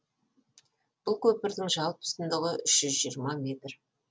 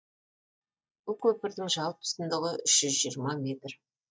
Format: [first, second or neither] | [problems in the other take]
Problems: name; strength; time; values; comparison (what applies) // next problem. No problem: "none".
first | noise reduction (neural mask model DeepFilterNet 3)